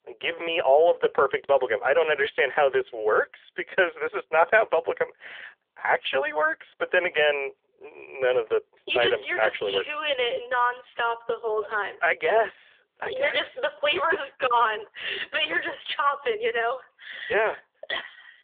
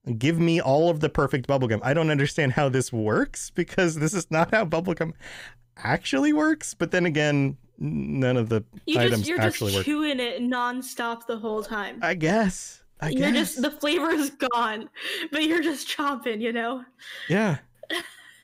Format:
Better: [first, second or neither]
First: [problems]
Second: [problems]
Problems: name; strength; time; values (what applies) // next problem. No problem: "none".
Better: second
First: phone-call audio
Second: none